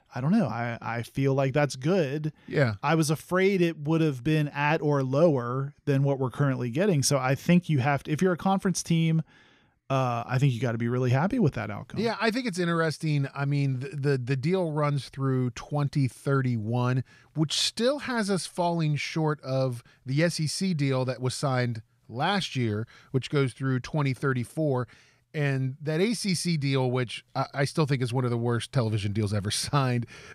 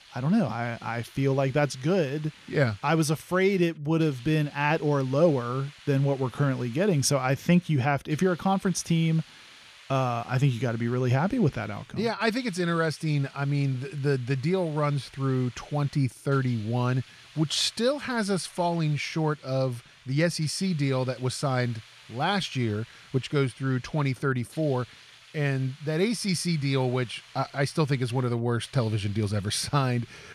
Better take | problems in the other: first | hiss; faint; throughout; 25 dB below the speech

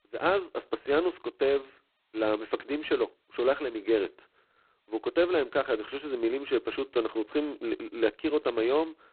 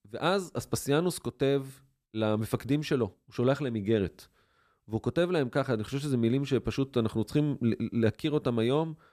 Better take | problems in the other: second | phone-call audio; poor line; nothing above 4 kHz

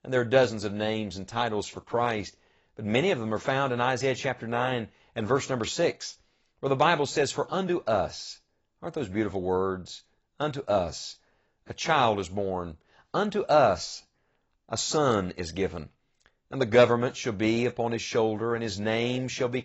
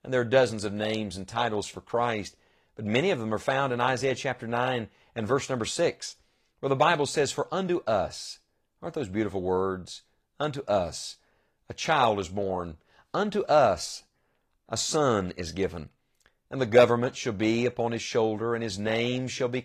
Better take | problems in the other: second | garbled, watery; badly; nothing above 7.5 kHz; slightly in the second

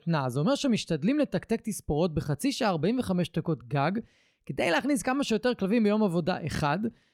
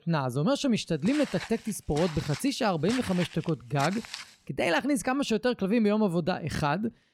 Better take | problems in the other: first | footsteps; noticeable; from 1 to 4 s; peak 8 dB below the speech

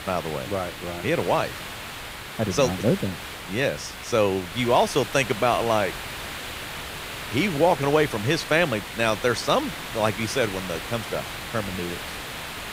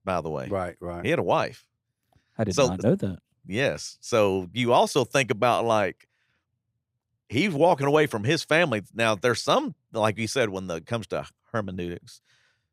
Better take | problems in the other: second | hiss; loud; throughout; 9 dB below the speech

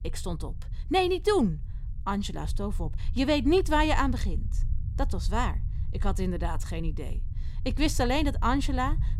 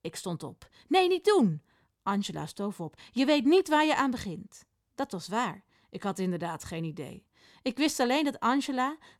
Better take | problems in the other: second | low rumble; faint; throughout; 25 dB below the speech

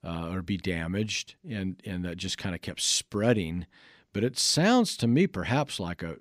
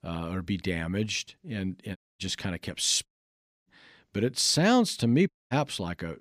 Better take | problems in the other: first | audio cutting out; at 2 s, at 3 s for 0.5 s and at 5.5 s

